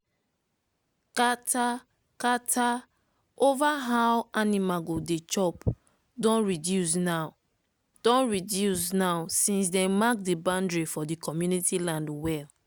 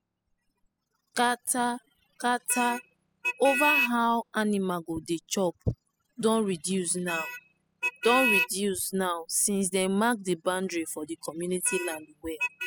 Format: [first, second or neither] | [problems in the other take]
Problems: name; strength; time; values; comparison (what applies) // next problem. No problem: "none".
first | noise reduction (classical method spectral subtraction)